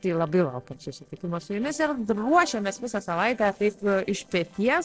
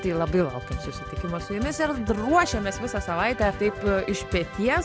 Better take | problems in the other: second | noise reduction (neural separator model SepFormer DNS4)

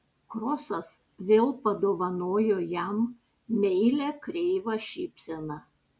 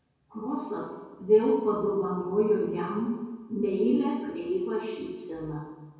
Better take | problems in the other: first | room echo; dies away in 1.2 s

